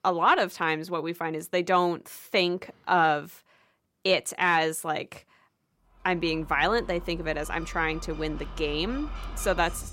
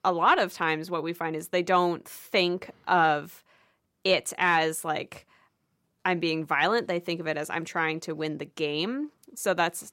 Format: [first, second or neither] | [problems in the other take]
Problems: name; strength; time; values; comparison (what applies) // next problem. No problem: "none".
second | animal sounds; noticeable; from 6 s on; 15 dB below the speech